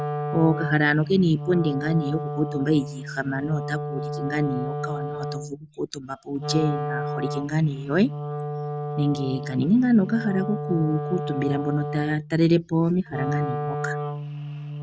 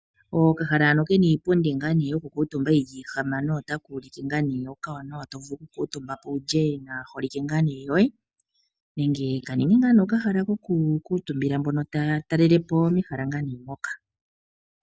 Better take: second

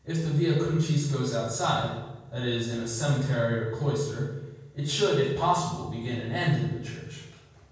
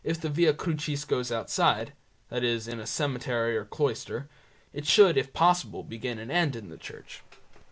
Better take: second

